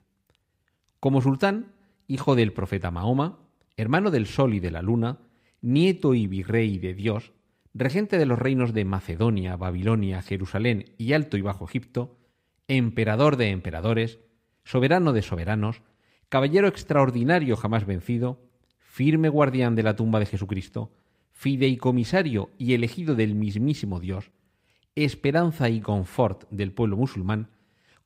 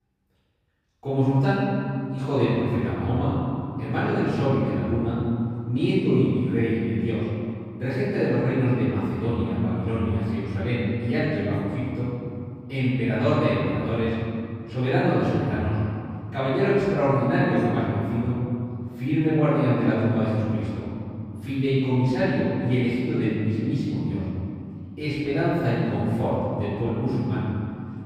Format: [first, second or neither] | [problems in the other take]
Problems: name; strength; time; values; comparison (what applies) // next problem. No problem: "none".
first | off-mic speech; far // room echo; strong; dies away in 2.5 s